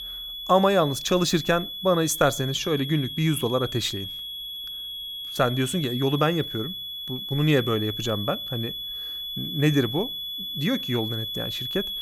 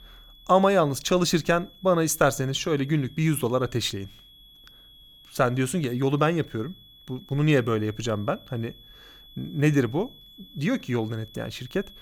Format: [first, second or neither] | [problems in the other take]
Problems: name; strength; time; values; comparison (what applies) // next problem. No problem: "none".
second | high-pitched whine; loud; throughout; 3.5 kHz, 6 dB below the speech; faint in the second